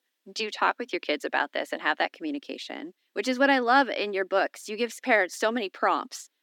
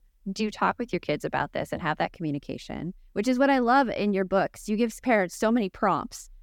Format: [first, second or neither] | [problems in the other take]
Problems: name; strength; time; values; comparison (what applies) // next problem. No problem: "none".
second | thin; very slightly; fading below 250 Hz